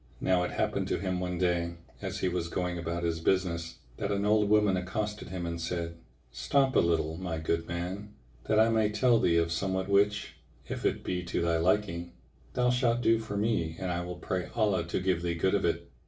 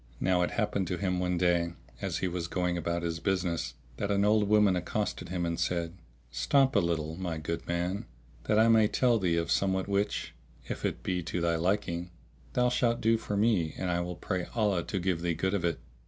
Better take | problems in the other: second | room echo; dies away in 0.3 s

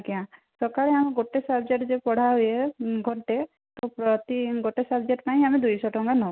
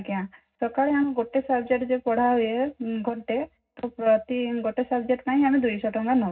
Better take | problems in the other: first | room echo; dies away in 0.4 s

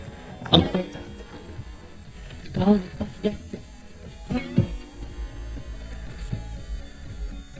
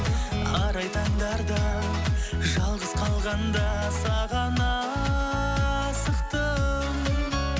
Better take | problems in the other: second | noise reduction (neural mask model DeepFilterNet 3)

